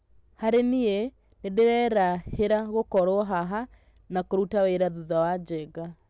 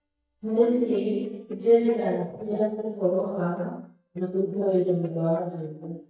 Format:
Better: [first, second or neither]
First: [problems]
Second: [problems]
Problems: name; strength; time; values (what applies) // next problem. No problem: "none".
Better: first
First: none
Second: noise reduction (neural mask model DeepFilterNet 3)